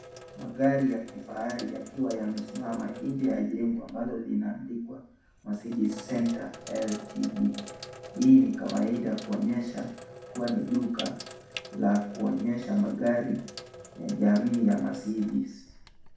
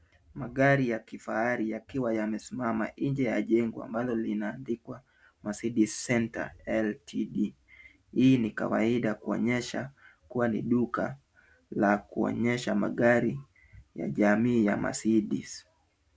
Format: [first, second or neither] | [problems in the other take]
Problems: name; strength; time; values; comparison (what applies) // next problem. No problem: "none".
second | background sound (Sink (filling or washing)); 16 dB below the speech // room echo; dies away in 0.6 s